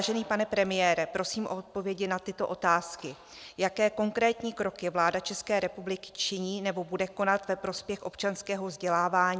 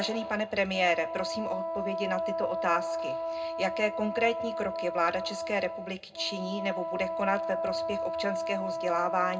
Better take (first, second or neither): first